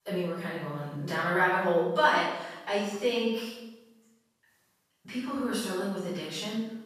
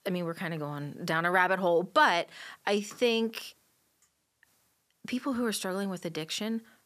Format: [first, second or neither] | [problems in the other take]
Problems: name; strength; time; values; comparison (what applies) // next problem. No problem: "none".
second | room echo; strong; dies away in 0.8 s // off-mic speech; far